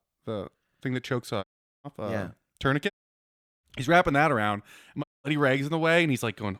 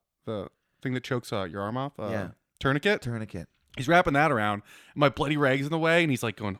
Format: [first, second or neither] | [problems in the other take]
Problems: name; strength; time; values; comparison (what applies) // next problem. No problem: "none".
second | audio cutting out; at 1.5 s, at 3 s for 0.5 s and at 5 s